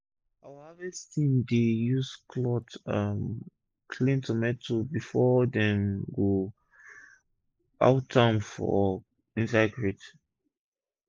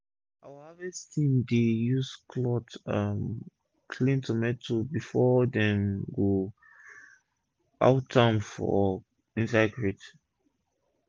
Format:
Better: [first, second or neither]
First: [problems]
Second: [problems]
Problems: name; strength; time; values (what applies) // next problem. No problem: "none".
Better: second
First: noise reduction (neural mask model Resemble Enhance denoiser)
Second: none